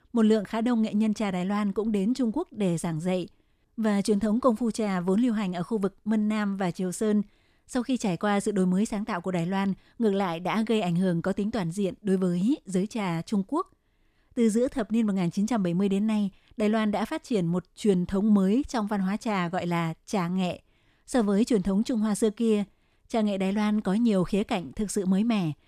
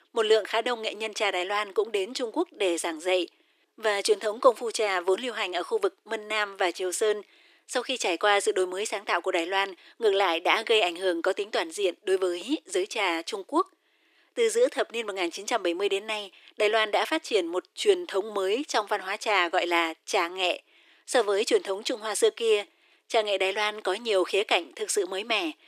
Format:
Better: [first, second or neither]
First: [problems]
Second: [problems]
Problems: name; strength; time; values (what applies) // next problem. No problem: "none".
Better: first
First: none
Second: thin; very; fading below 300 Hz